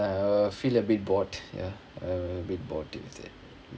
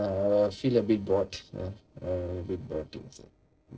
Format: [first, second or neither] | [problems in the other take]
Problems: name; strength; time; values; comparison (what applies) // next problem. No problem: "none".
first | noise reduction (neural separator model SepFormer DNS4)